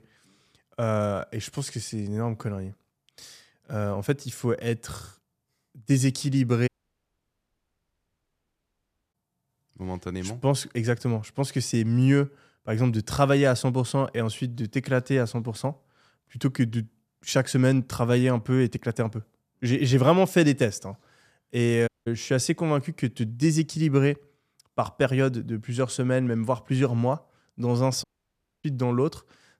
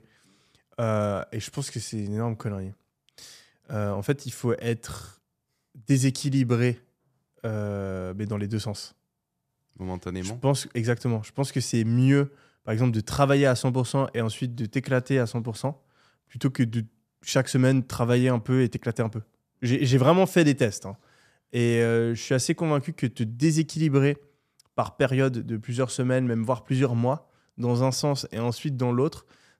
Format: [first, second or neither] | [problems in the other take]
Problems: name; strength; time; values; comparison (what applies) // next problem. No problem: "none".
second | audio cutting out; at 6.5 s for 2.5 s, at 22 s and at 28 s for 0.5 s